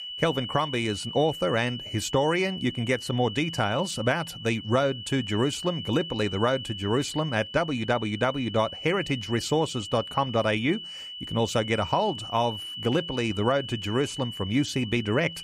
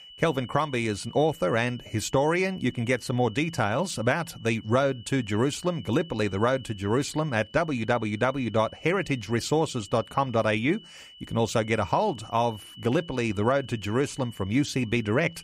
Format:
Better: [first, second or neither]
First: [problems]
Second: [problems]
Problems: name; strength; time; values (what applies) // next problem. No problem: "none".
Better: second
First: high-pitched whine; loud; throughout; 3 kHz, 9 dB below the speech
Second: high-pitched whine; faint; throughout; 3 kHz, 20 dB below the speech